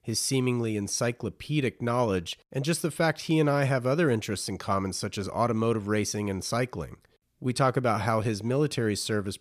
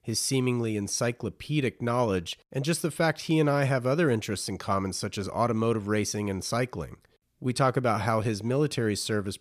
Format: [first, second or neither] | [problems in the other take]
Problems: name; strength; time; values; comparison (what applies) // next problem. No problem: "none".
neither | none